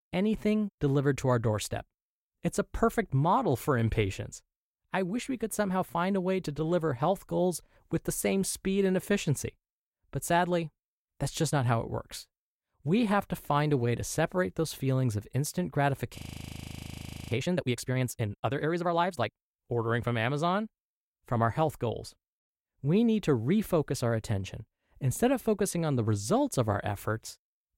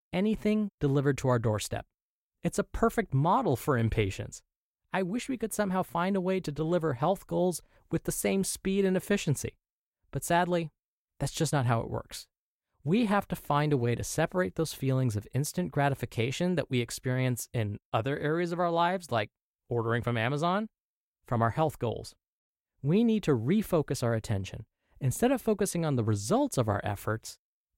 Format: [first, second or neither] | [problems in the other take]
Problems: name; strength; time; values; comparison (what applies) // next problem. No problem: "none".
second | audio freezing; at 16 s for 1 s